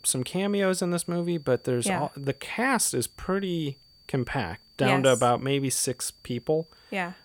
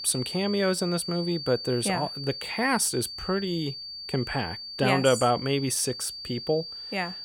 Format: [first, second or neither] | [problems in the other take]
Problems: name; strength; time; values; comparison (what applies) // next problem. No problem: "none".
first | high-pitched whine; loud; throughout; 4.5 kHz, 8 dB below the speech; faint in the first